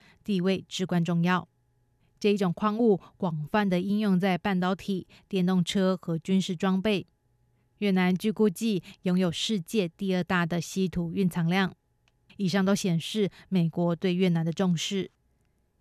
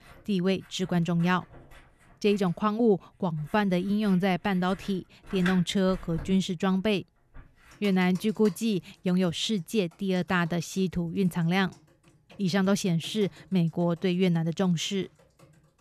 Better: first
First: none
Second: household noises; faint; throughout; 20 dB below the speech

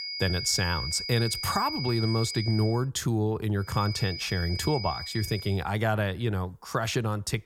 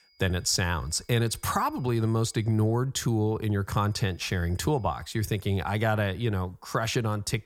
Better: second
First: high-pitched whine; loud; until 2.5 s and from 3.5 to 5.5 s; 5 kHz, 6 dB below the speech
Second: high-pitched whine; faint; until 2.5 s and from 3.5 to 5.5 s; 5 kHz, 35 dB below the speech

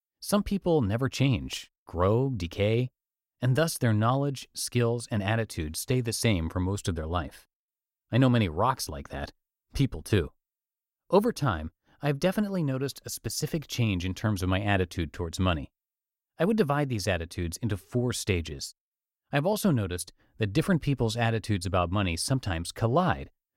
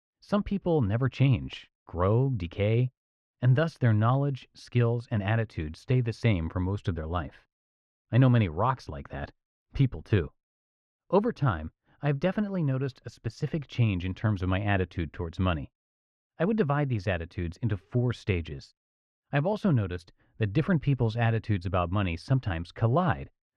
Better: first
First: none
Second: muffled; slightly; fading above 2.5 kHz

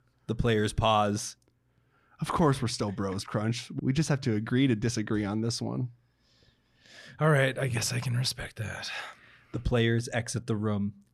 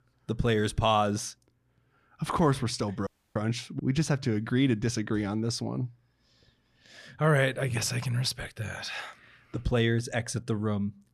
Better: first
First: none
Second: audio cutting out; at 3 s

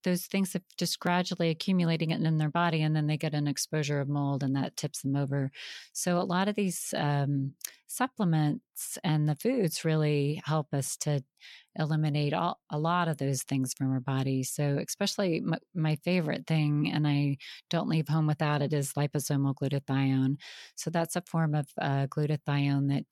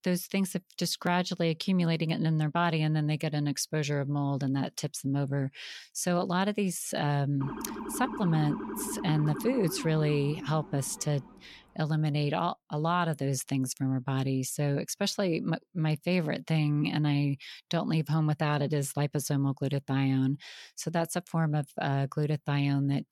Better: first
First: none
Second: siren; noticeable; from 7.5 to 11 s; peak 7 dB below the speech

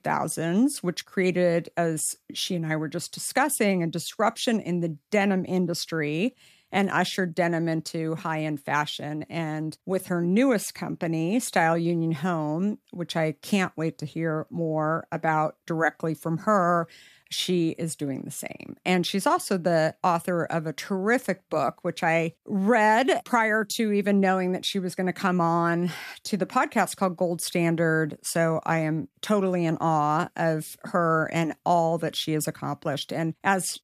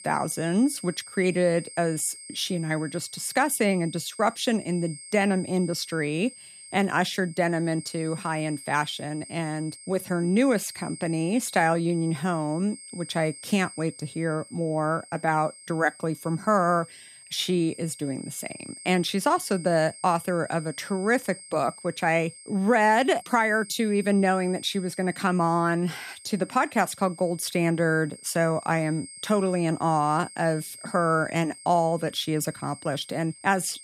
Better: first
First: none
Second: high-pitched whine; noticeable; throughout; 8.5 kHz, 15 dB below the speech

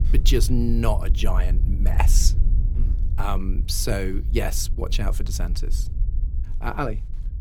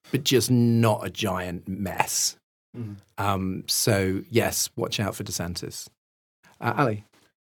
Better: second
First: low rumble; noticeable; throughout; 15 dB below the speech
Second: none

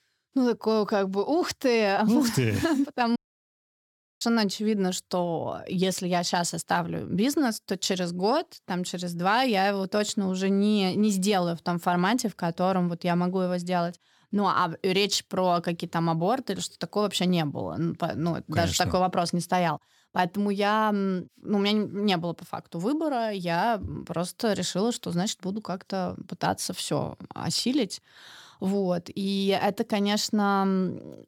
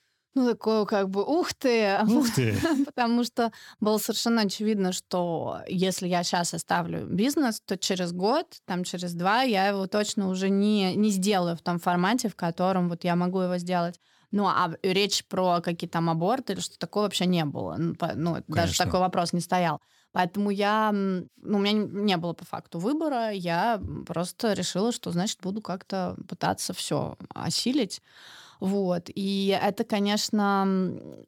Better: second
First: audio cutting out; at 3 s for 1 s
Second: none

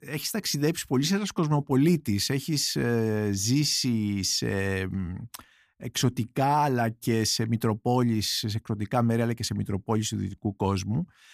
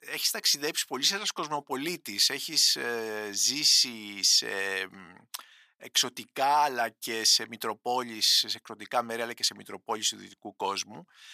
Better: first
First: none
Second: thin; very; fading below 650 Hz

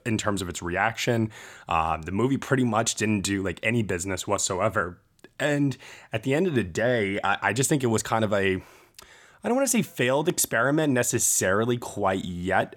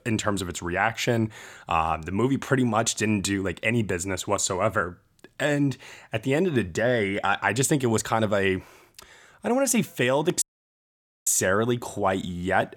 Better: first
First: none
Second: audio cutting out; at 10 s for 1 s

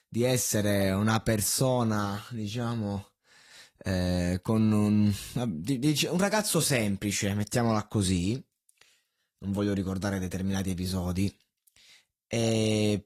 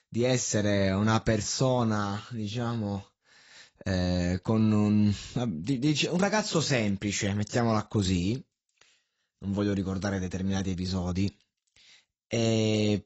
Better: first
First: garbled, watery; slightly; nothing above 13.5 kHz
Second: garbled, watery; badly; nothing above 7.5 kHz

